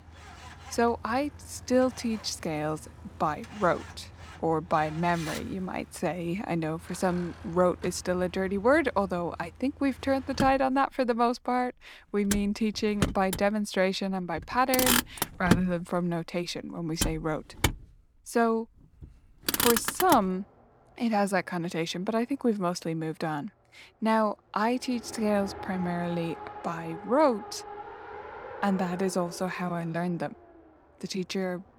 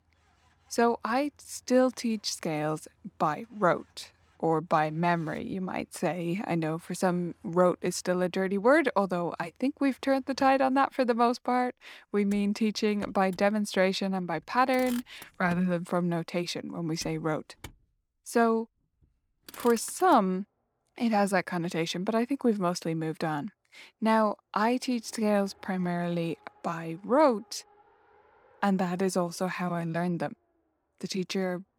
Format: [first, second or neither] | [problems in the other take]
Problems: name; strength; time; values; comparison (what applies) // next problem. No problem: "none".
second | traffic noise; loud; throughout; 5 dB below the speech; faint in the second